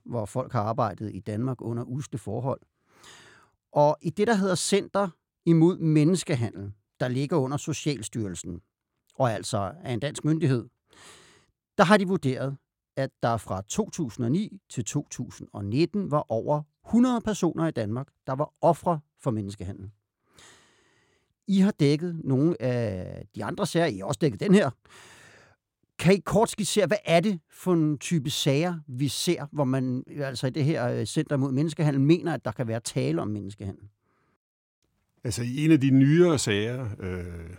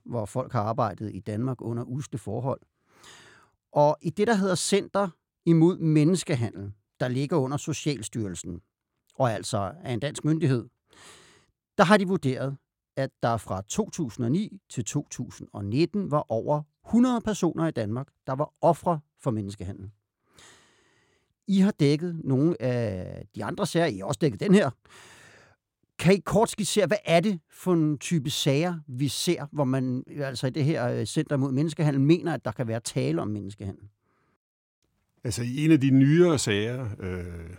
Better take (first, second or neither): neither